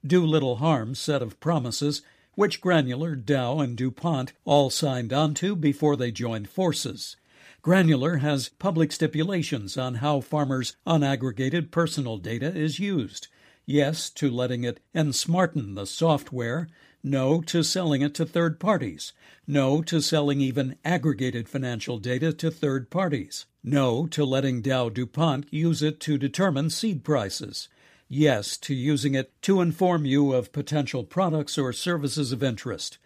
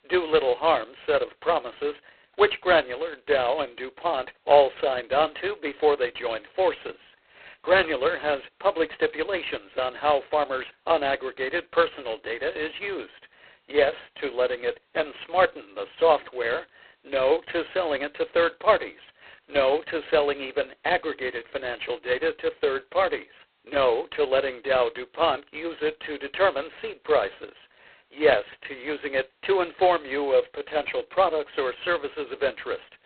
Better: first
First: none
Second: phone-call audio; poor line; nothing above 4 kHz

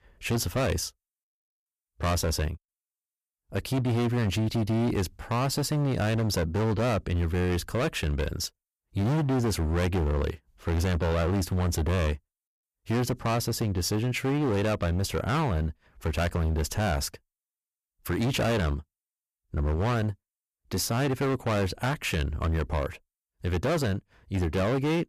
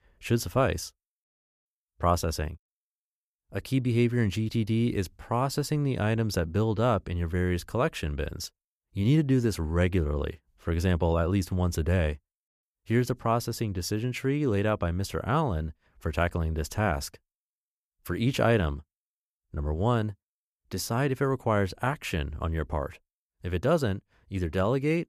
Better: second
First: distortion; heavy; 21% of the sound clipped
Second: none

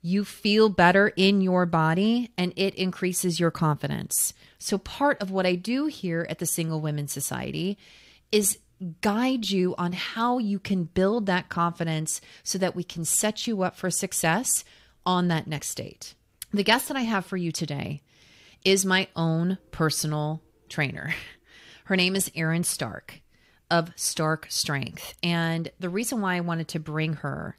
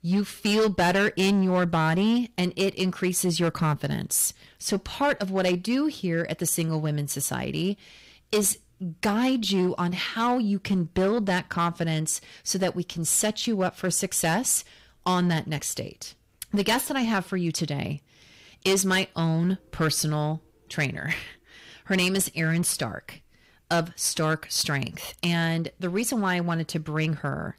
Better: first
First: none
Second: distortion; slight; 6% of the sound clipped

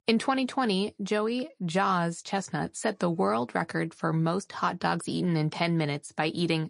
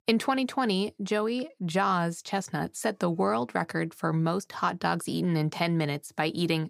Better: second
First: garbled, watery; slightly; nothing above 10.5 kHz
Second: none

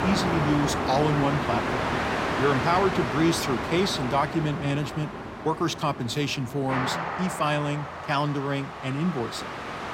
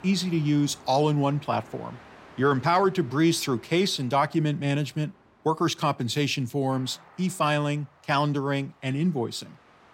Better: second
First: train or aircraft noise; loud; throughout; 3 dB below the speech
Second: train or aircraft noise; faint; throughout; 25 dB below the speech

